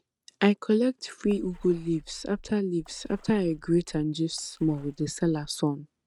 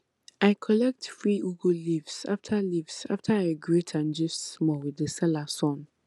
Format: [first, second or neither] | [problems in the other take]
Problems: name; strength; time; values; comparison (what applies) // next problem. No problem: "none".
second | noise reduction (neural mask model RNNoise)